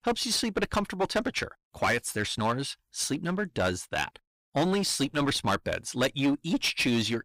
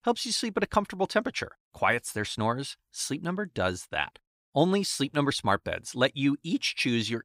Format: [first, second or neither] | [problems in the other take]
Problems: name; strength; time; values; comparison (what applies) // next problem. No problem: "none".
second | distortion; heavy; 9% of the sound clipped